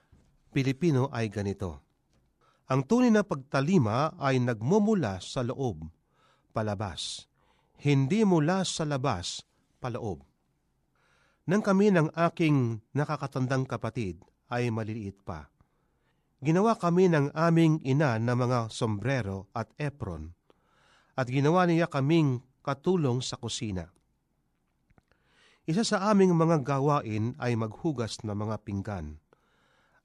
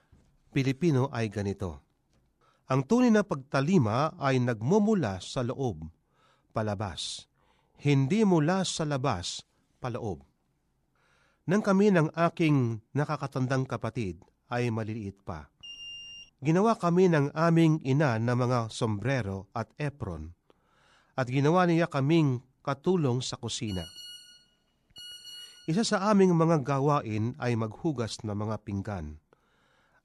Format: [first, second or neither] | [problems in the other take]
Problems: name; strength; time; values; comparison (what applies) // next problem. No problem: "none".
first | alarm; faint; at 16 s; peak 10 dB below the speech // phone ringing; faint; from 24 to 26 s; peak 15 dB below the speech